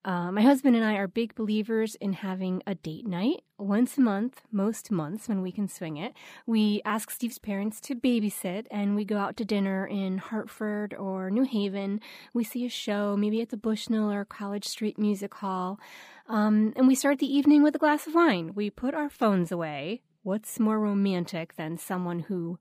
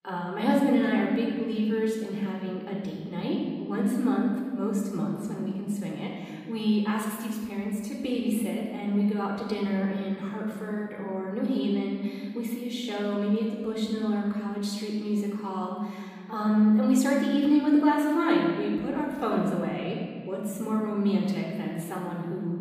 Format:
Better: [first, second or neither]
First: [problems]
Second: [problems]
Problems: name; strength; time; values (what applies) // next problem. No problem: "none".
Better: first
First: none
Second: room echo; noticeable; dies away in 2 s // off-mic speech; somewhat distant